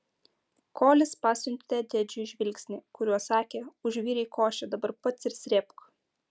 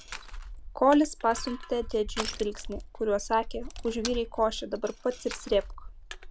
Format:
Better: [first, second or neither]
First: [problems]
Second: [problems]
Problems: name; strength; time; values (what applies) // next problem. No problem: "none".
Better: first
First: none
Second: background sound (Crushing); 10 dB below the speech